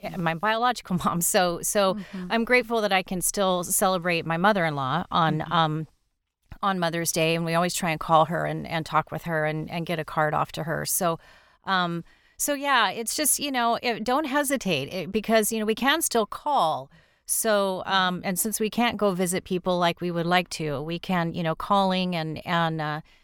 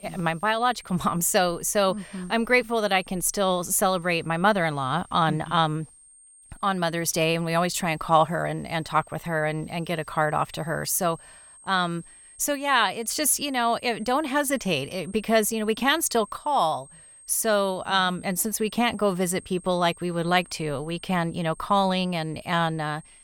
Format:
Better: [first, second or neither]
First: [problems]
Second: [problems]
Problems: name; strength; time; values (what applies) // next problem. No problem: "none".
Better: first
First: none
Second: high-pitched whine; faint; throughout; 8.5 kHz, 25 dB below the speech